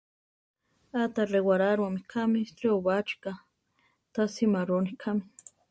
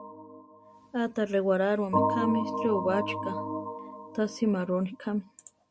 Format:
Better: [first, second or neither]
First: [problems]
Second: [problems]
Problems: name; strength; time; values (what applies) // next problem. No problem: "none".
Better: first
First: none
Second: background sound (Organ); 4 dB below the speech